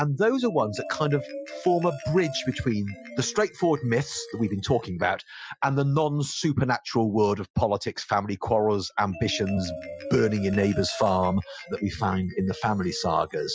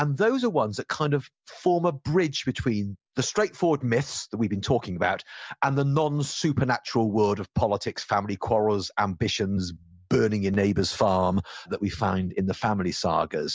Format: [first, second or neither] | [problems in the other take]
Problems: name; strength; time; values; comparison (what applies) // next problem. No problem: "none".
second | noise reduction (classical method Wiener filter)